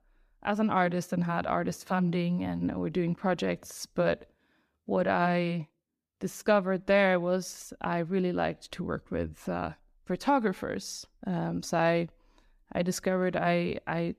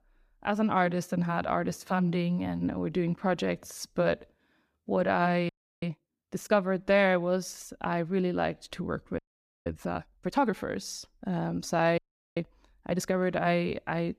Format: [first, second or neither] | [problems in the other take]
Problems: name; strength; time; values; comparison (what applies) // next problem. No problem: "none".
first | audio freezing; at 5.5 s, at 9 s and at 12 s